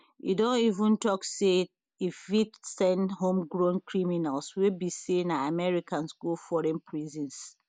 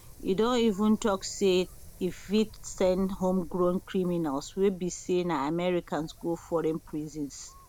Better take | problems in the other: first | background sound (Wind); 17 dB below the speech

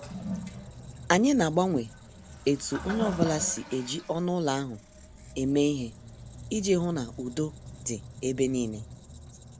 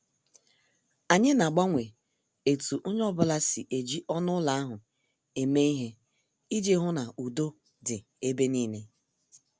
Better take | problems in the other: second | background sound (Squeak + Toilet flush); 12 dB below the speech

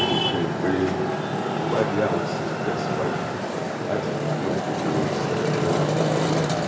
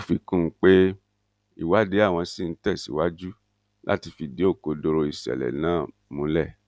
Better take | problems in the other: second | background sound (Traffic noise, roadway noise); 4 dB above the speech // room echo; dies away in 0.8 s

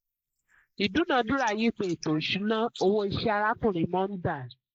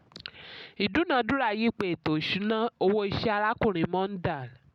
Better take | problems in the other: second | noise reduction (neural mask model Resemble Enhance denoiser)

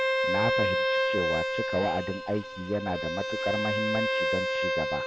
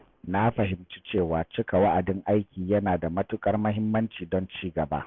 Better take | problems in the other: second | background sound (Bowed string instrument); 4 dB above the speech

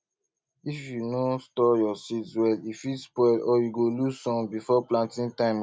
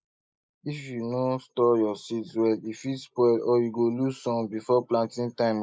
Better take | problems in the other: first | noise reduction (neural mask model Resemble Enhance denoiser)

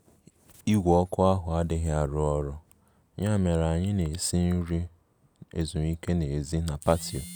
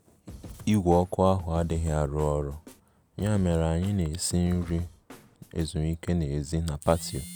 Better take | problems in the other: first | background sound (Snare drum / Drum kit); 19 dB below the speech

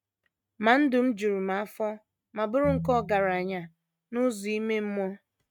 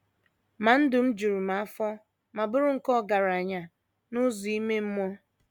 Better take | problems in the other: second | noise reduction (neural mask model RNNoise)

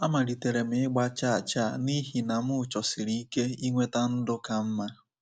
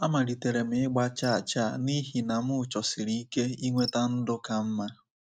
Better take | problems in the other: first | noise reduction (neural mask model RNNoise)

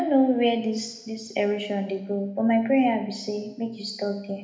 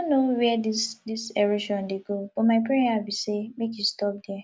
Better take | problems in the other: second | room echo; dies away in 0.9 s

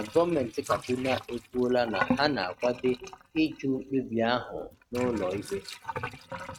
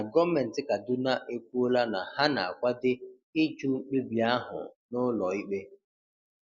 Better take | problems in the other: second | noise reduction (neural mask model RNNoise)

